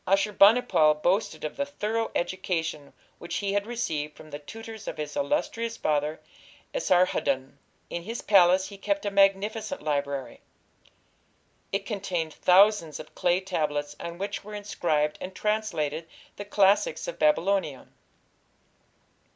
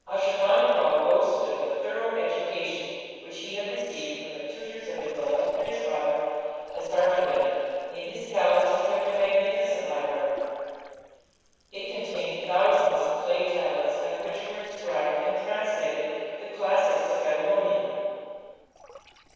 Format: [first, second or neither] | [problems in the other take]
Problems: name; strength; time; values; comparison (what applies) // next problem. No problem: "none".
first | noise reduction (neural separator model SepFormer DNS4)